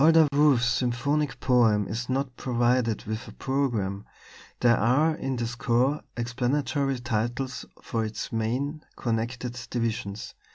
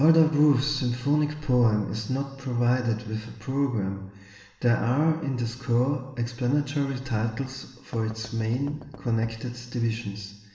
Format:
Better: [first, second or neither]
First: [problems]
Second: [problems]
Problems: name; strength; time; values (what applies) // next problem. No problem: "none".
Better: first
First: none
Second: background sound (Knock); 20 dB below the speech // room echo; dies away in 1.1 s